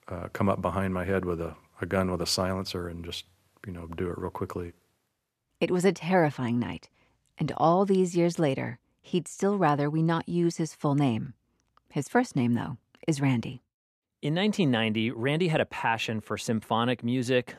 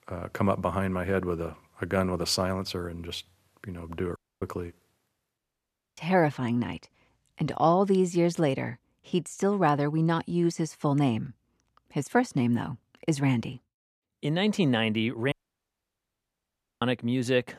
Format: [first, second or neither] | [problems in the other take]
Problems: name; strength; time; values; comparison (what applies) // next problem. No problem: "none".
first | audio cutting out; at 4 s, at 5.5 s for 0.5 s and at 15 s for 1.5 s